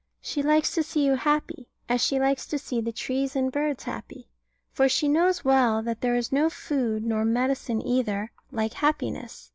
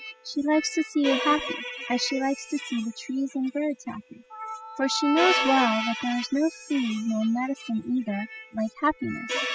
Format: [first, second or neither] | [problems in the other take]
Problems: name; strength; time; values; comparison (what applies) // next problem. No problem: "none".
first | noise reduction (classical method spectral subtraction)